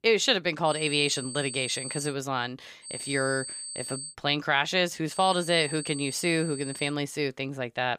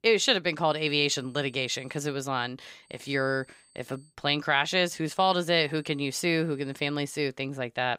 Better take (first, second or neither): second